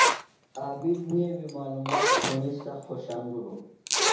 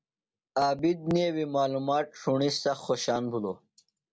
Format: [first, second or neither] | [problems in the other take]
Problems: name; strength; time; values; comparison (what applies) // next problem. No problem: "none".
second | background sound (Zipper (clothing)); 3 dB above the speech // room echo; dies away in 0.7 s